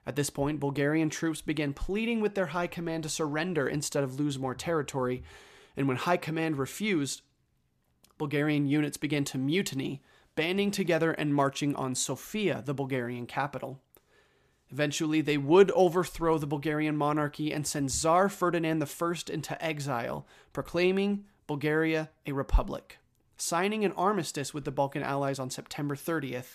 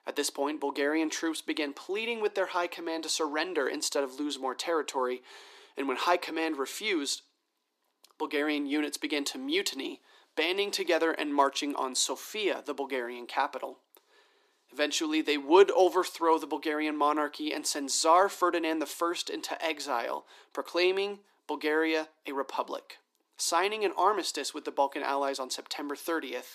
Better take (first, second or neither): first